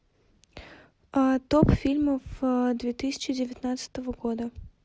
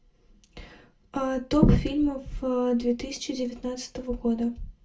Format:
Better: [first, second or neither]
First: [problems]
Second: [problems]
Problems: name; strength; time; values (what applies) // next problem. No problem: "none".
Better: first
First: none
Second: room echo; dies away in 0.2 s